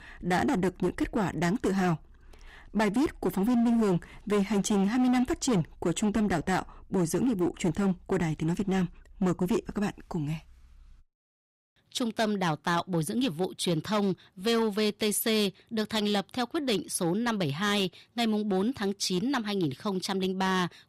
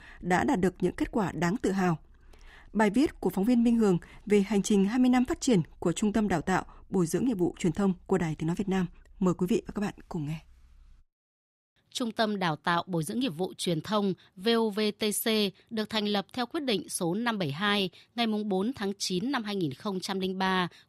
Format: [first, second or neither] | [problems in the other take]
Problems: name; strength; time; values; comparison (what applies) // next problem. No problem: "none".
second | distortion; slight; 10% of the sound clipped